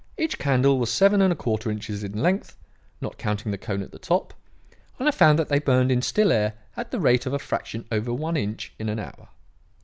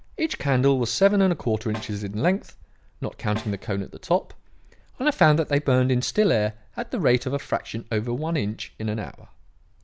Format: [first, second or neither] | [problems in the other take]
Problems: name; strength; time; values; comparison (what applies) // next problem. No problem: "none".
first | background sound (Snare drum); 17 dB below the speech